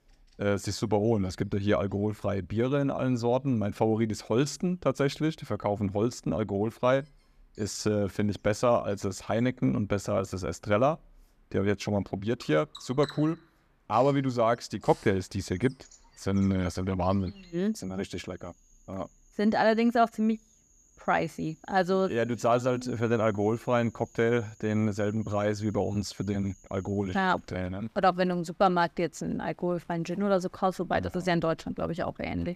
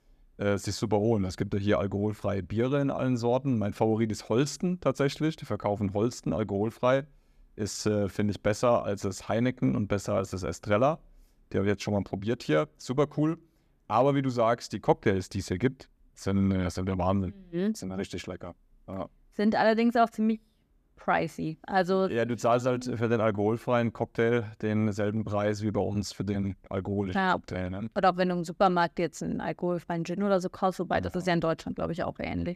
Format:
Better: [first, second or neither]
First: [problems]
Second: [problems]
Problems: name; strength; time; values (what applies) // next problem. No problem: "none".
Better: second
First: animal sounds; faint; throughout; 25 dB below the speech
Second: none